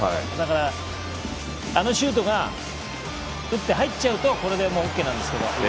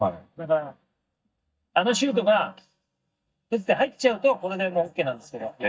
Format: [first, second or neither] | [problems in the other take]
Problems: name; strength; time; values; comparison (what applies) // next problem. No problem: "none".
first | noise reduction (neural mask model DeepFilterNet 3)